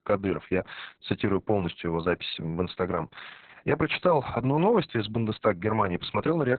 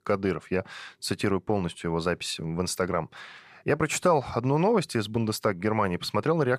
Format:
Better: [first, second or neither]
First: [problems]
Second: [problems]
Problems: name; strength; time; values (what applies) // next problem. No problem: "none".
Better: second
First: garbled, watery; badly; nothing above 4 kHz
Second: none